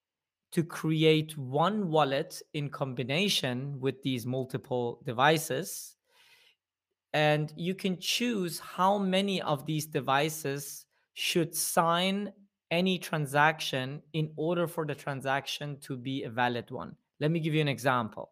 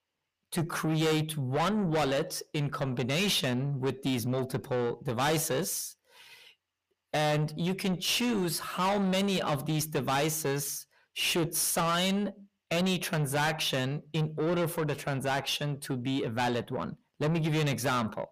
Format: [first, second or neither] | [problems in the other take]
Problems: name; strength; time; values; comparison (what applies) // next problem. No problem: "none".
first | distortion; heavy; 6 dB below the speech